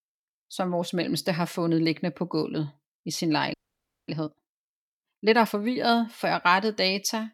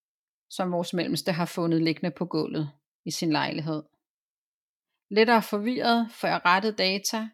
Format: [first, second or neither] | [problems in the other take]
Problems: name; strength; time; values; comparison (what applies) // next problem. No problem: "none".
second | audio freezing; at 3.5 s for 0.5 s